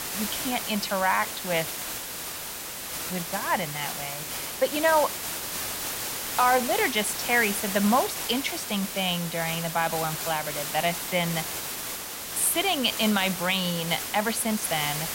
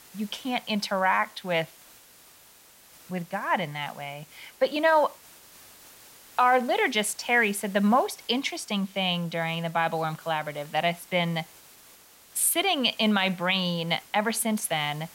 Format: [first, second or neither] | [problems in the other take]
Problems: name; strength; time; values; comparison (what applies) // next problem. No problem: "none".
second | hiss; loud; throughout; 5 dB below the speech; faint in the second